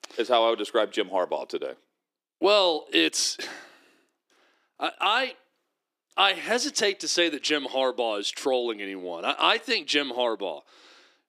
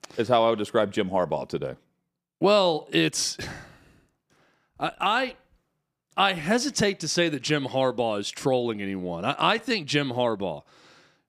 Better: second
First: thin; somewhat; fading below 300 Hz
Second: none

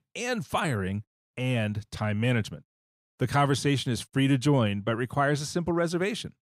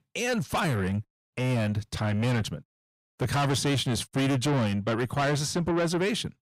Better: first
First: none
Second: distortion; heavy; 7 dB below the speech

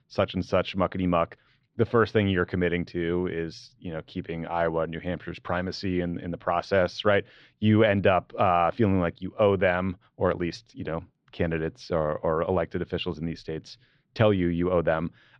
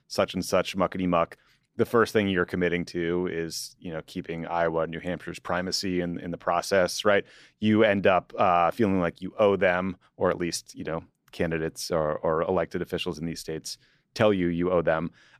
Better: second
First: muffled; slightly; fading above 4 kHz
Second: none

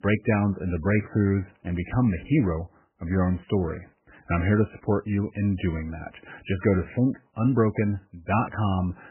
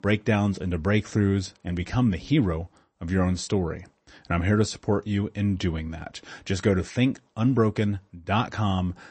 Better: second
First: garbled, watery; badly; nothing above 3 kHz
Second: garbled, watery; slightly; nothing above 8 kHz

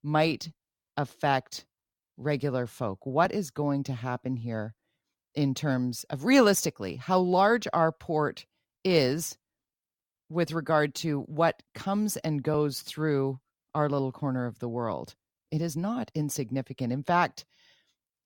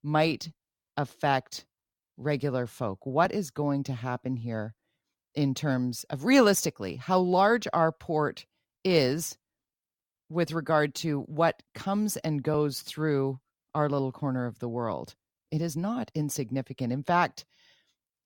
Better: neither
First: none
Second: none

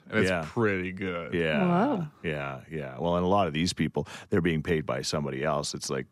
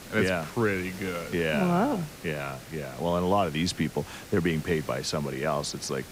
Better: first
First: none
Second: hiss; noticeable; throughout; 15 dB below the speech

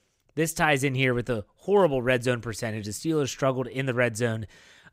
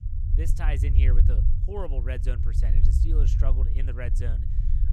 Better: first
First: none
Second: low rumble; loud; throughout; 4 dB below the speech

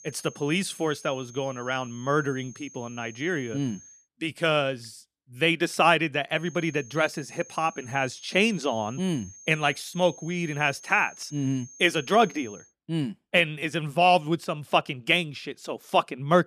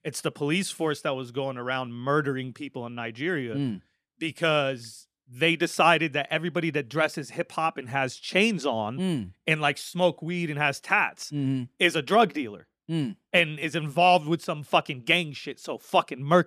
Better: second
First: high-pitched whine; noticeable; until 4 s and from 6.5 to 13 s; 6.5 kHz, 20 dB below the speech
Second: none

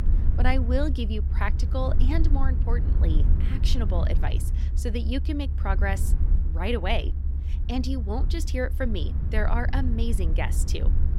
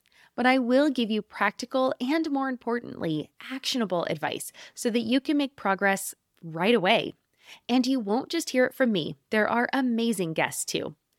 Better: second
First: low rumble; noticeable; throughout; 10 dB below the speech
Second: none

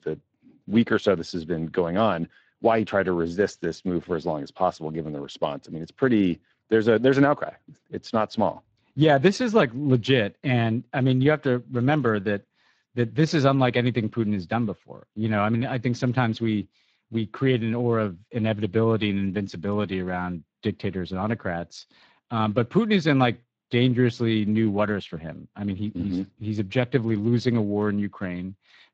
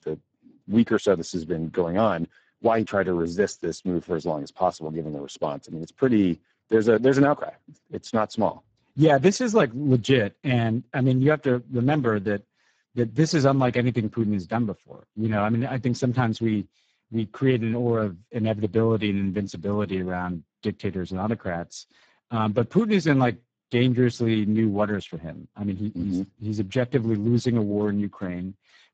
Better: first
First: garbled, watery; slightly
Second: garbled, watery; badly; nothing above 7.5 kHz

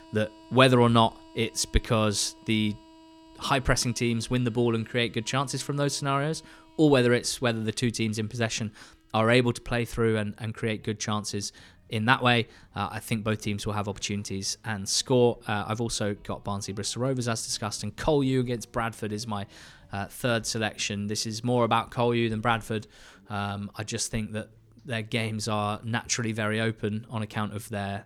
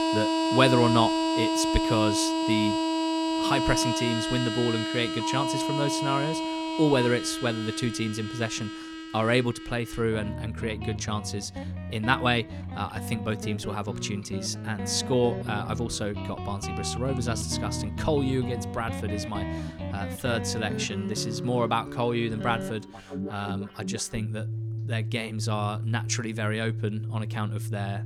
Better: first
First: background music; faint; throughout; 30 dB below the speech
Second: background music; loud; throughout; 2 dB below the speech

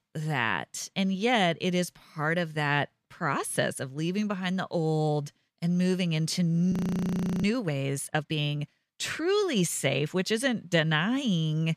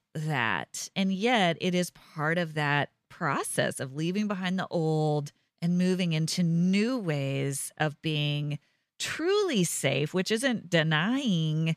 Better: second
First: audio freezing; at 6.5 s for 0.5 s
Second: none

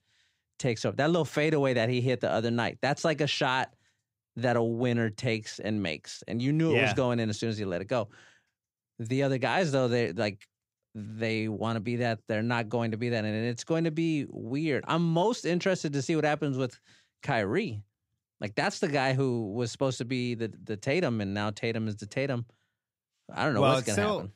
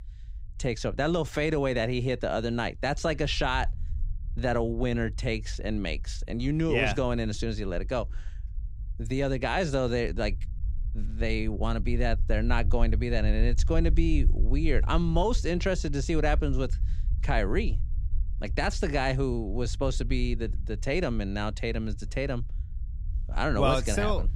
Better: first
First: none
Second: low rumble; faint; throughout; 25 dB below the speech

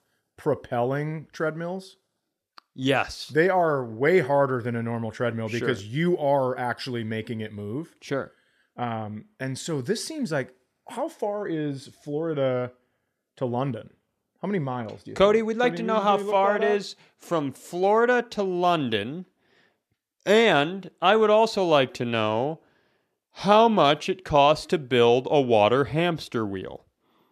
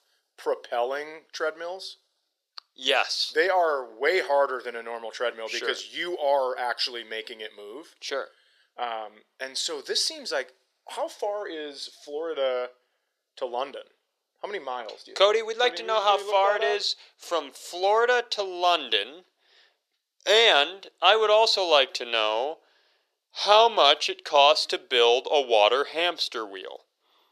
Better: first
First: none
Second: thin; very; fading below 450 Hz

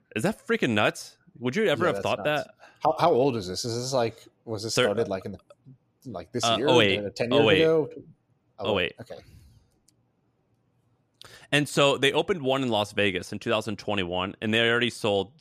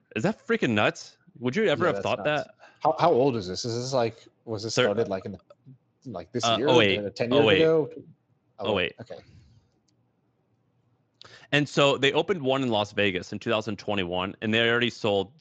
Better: first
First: none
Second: garbled, watery; slightly; nothing above 7.5 kHz

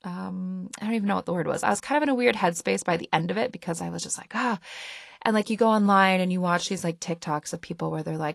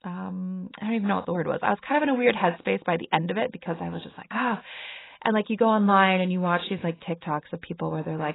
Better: first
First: garbled, watery; slightly; nothing above 11 kHz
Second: garbled, watery; badly; nothing above 4 kHz

